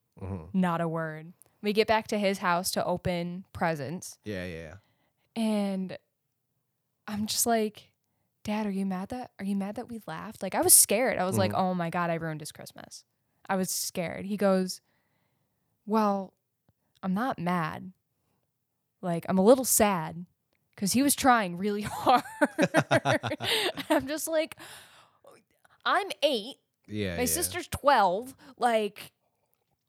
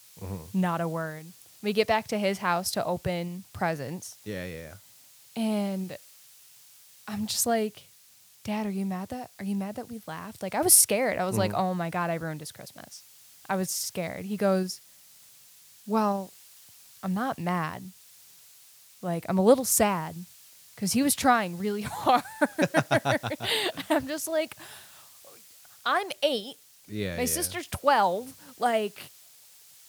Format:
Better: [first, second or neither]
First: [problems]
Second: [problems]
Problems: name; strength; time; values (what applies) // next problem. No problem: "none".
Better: first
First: none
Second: hiss; faint; throughout; 25 dB below the speech